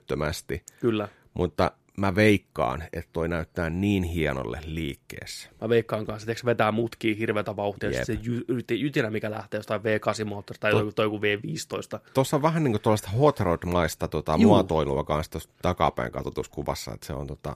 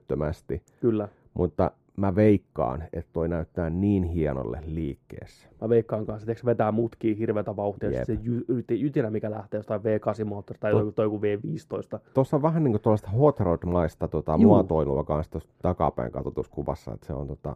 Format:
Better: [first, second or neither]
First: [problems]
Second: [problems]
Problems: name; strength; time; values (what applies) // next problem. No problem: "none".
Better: first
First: none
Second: muffled; very; fading above 1.5 kHz